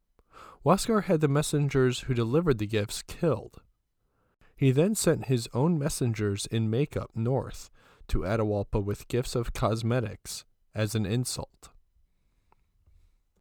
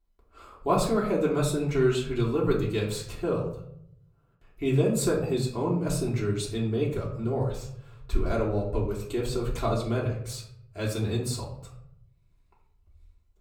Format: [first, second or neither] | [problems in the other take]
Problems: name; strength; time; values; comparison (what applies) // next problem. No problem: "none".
first | off-mic speech; far // room echo; slight; dies away in 0.6 s